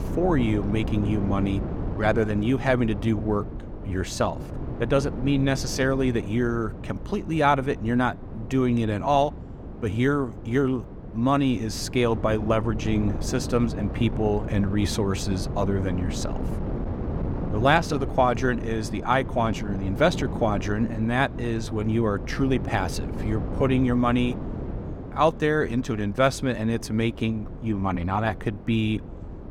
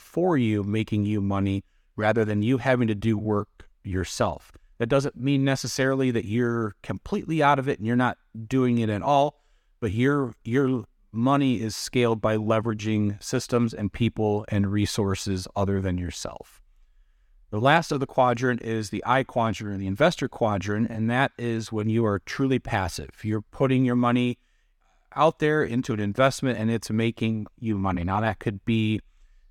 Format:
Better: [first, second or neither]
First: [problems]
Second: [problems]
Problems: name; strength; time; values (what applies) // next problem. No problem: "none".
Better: second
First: wind noise on the microphone; occasional gusts; 15 dB below the speech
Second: none